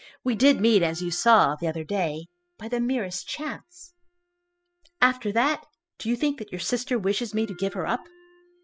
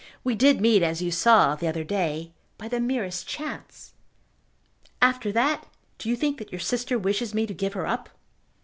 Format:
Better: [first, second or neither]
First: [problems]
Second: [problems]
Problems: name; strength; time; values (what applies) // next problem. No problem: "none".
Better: second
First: noise reduction (classical method spectral subtraction)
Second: none